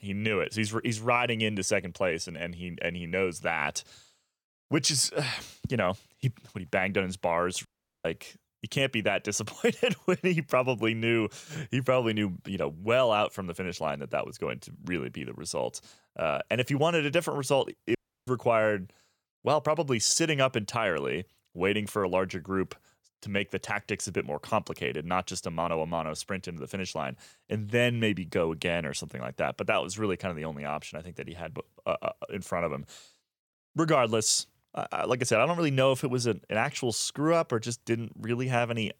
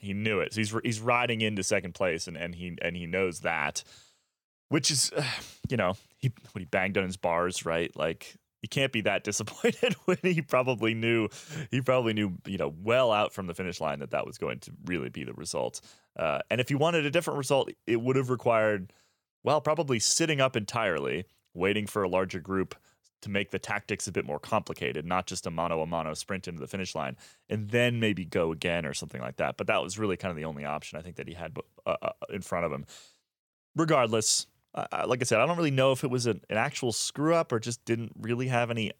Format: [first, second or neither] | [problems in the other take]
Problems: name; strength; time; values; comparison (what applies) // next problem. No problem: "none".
second | audio cutting out; at 7.5 s and at 18 s